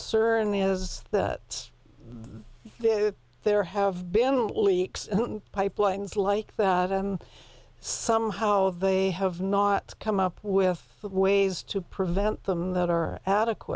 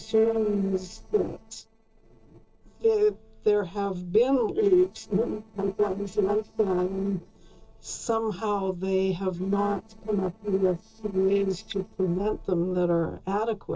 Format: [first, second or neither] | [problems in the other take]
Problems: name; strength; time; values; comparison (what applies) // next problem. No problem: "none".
first | noise reduction (neural separator model SepFormer DNS4)